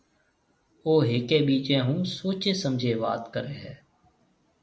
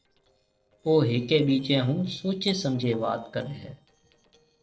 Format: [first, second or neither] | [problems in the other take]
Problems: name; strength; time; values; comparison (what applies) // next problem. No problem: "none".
first | noise reduction (neural separator model SepFormer DNS4)